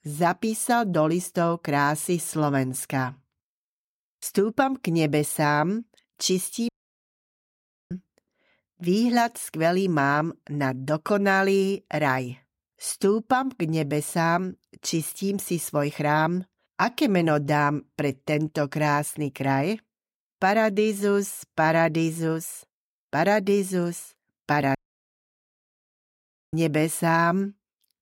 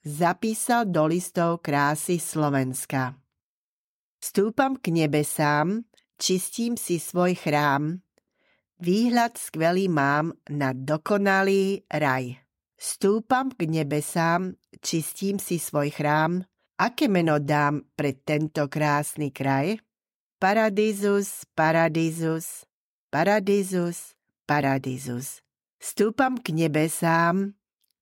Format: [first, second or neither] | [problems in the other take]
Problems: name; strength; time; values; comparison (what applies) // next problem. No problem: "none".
second | audio cutting out; at 6.5 s for 1 s and at 25 s for 2 s